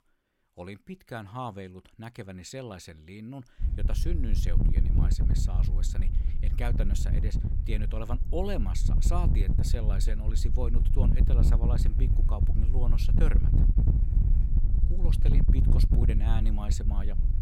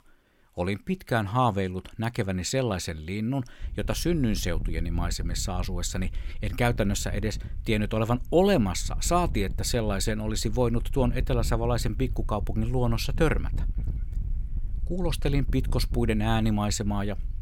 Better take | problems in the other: second | wind noise on the microphone; heavy; from 3.5 s on; 3 dB below the speech; occasional gusts in the second

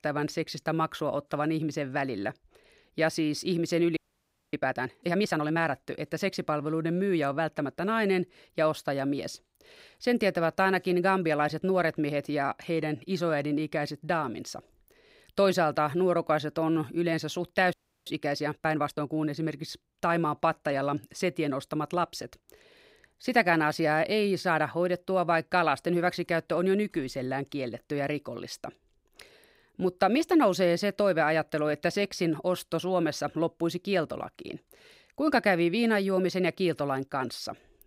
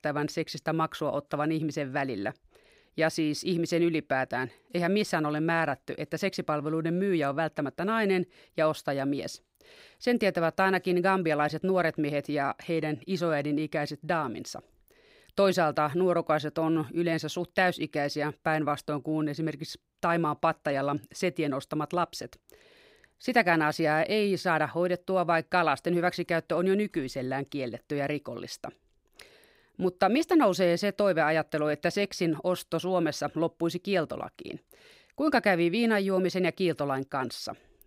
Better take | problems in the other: second | audio freezing; at 4 s for 0.5 s and at 18 s

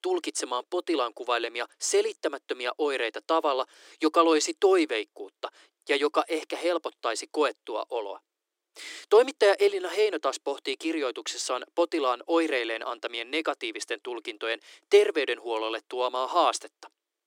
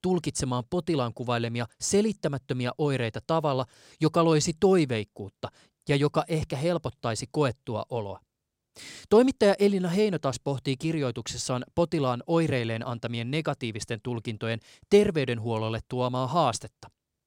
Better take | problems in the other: second | thin; very; fading below 300 Hz

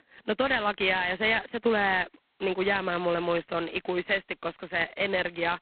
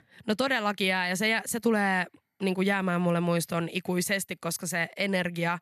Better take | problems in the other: second | phone-call audio; poor line; nothing above 4 kHz

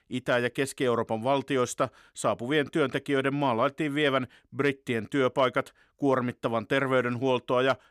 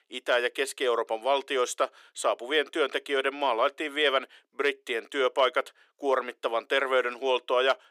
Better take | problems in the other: first | thin; somewhat; fading below 350 Hz

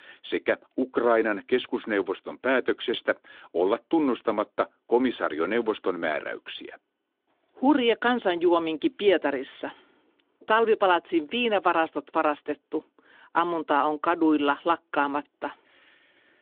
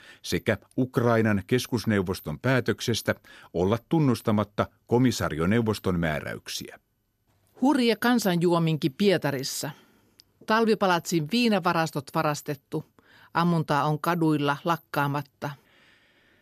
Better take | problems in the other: second | phone-call audio

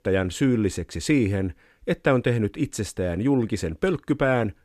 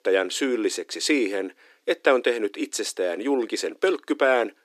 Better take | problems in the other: first | thin; somewhat; fading below 300 Hz

